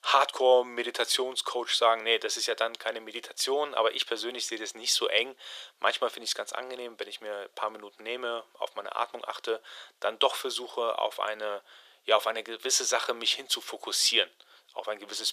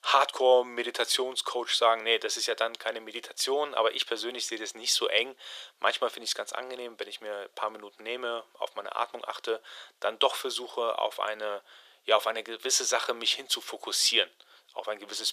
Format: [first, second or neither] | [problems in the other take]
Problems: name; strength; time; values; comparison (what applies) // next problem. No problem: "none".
neither | thin; very; fading below 450 Hz; the same in both